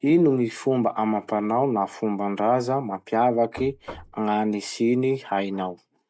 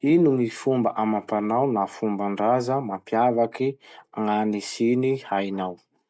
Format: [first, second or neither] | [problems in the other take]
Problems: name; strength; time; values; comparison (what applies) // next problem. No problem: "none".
second | background sound (Knock); 19 dB below the speech